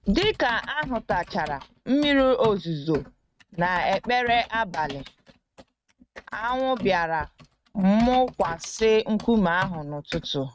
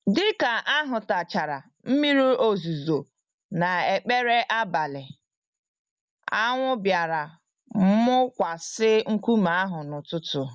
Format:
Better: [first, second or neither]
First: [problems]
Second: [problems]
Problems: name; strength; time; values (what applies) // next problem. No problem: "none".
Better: second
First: noise reduction (neural mask model RNNoise)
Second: none